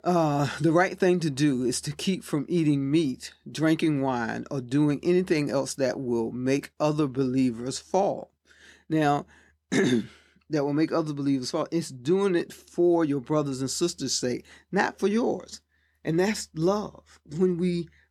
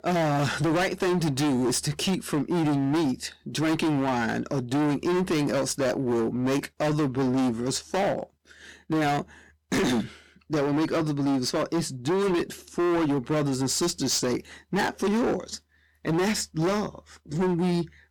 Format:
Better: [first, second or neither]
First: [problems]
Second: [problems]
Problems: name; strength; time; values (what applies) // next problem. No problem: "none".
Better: first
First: none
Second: distortion; heavy; 26% of the sound clipped